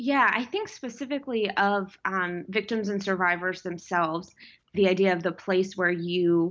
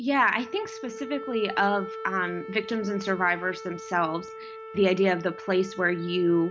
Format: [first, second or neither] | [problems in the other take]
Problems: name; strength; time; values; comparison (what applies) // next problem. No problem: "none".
first | background sound (Wind instrument, woodwind instrument); 13 dB below the speech